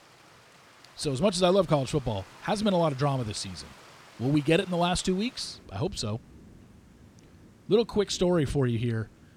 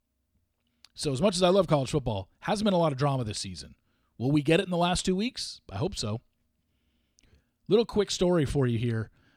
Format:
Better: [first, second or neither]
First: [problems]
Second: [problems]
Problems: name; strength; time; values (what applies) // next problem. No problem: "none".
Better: second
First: rain or running water; faint; throughout; 25 dB below the speech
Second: none